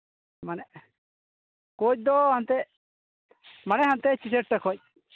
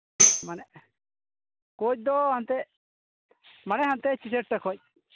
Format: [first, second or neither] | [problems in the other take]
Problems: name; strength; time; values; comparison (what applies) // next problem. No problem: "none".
first | background sound (Tambourine); 4 dB above the speech